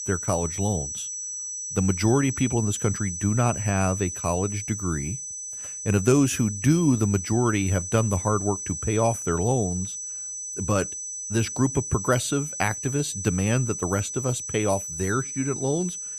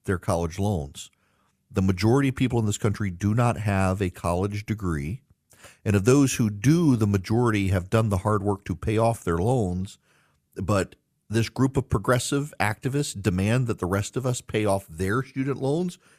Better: second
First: high-pitched whine; loud; throughout; 6 kHz, 6 dB below the speech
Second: none

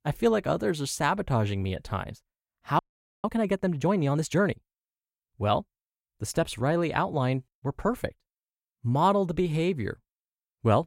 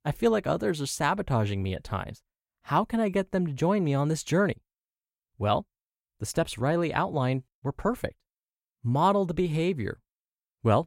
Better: second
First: audio freezing; at 3 s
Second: none

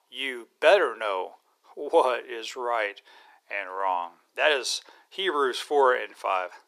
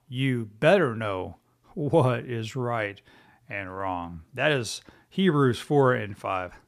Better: second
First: thin; very; fading below 400 Hz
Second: none

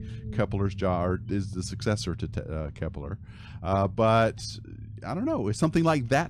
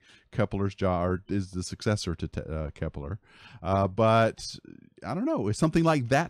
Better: second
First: low rumble; faint; throughout; 25 dB below the speech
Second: none

